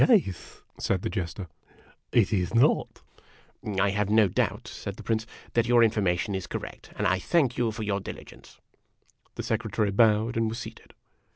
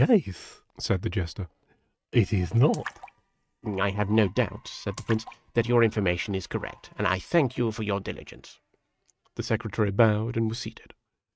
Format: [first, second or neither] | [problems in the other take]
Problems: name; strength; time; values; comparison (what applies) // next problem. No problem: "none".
first | noise reduction (neural mask model RNNoise)